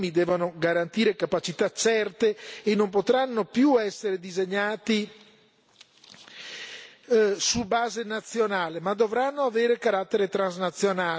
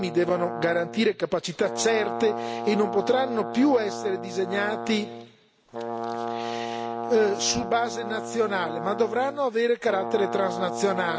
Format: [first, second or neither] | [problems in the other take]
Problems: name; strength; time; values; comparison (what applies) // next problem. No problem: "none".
first | background sound (Brass instrument); 7 dB below the speech